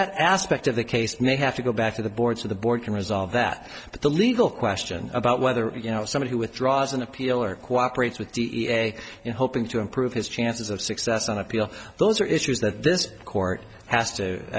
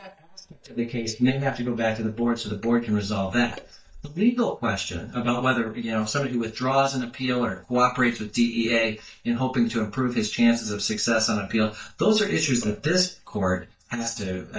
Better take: first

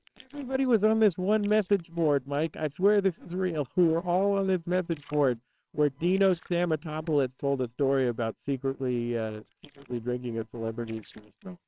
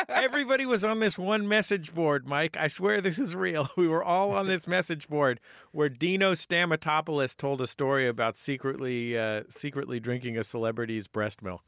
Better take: second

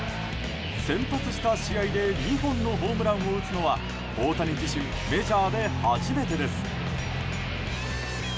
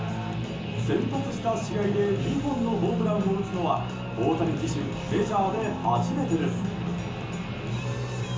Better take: first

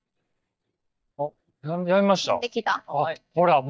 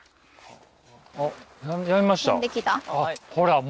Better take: second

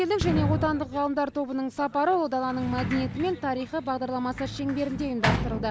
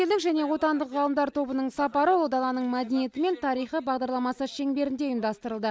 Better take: second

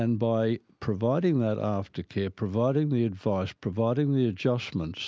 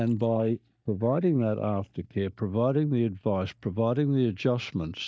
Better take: first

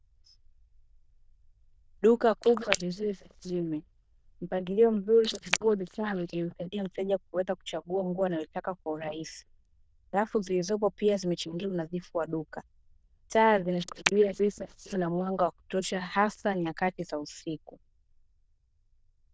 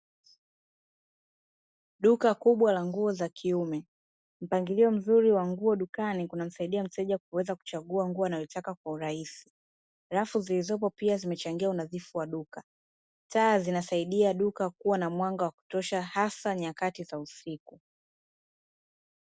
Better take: second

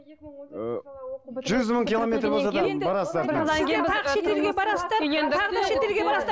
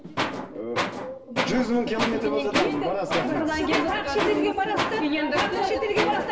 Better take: first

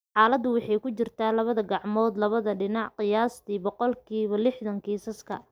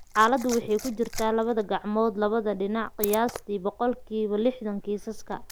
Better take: first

